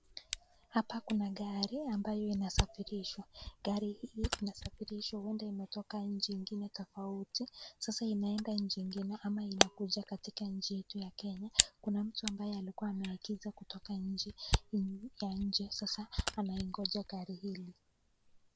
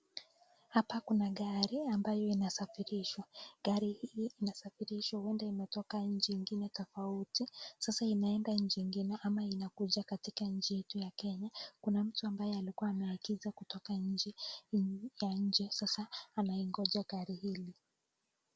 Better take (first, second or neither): second